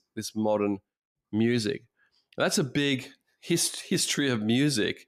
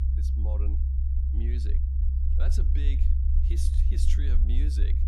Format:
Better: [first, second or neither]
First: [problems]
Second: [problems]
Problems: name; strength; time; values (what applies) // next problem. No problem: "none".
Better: first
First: none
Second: low rumble; loud; throughout; as loud as the speech